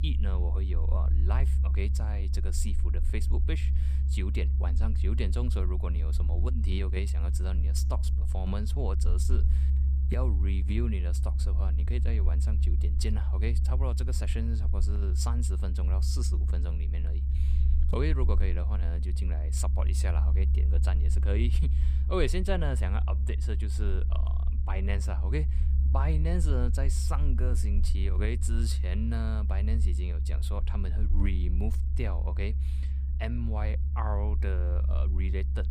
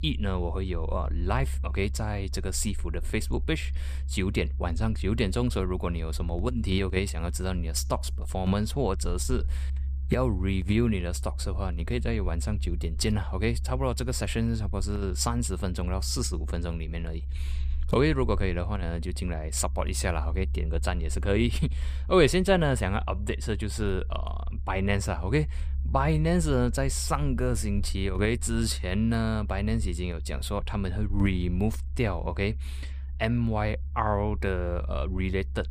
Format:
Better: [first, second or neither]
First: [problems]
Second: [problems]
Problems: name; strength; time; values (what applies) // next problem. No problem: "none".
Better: second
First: low rumble; loud; throughout; 7 dB below the speech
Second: low rumble; faint; throughout; 20 dB below the speech